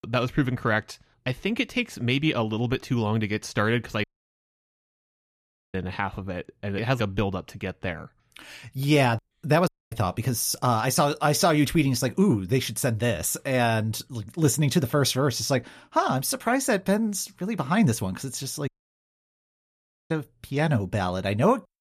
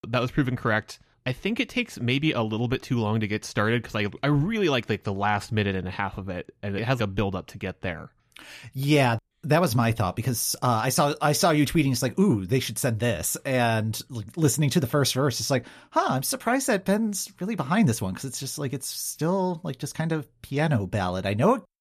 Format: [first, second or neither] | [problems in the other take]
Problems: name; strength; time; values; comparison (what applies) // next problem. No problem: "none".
second | audio cutting out; at 4 s for 1.5 s, at 9.5 s and at 19 s for 1.5 s